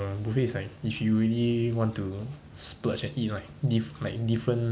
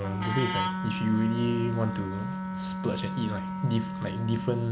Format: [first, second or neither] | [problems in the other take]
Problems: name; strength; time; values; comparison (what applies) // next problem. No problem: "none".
first | background sound (Wind instrument, woodwind instrument); 3 dB below the speech